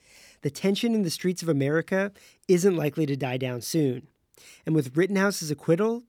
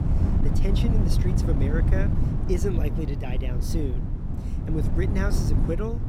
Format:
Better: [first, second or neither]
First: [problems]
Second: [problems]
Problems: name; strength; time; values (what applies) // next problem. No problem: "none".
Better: first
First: none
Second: wind noise on the microphone; heavy; 2 dB below the speech